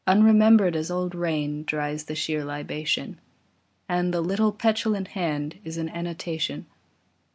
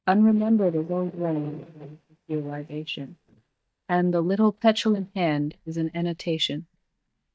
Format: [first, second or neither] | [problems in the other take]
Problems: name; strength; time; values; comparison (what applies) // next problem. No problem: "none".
first | noise reduction (neural mask model DeepFilterNet 3)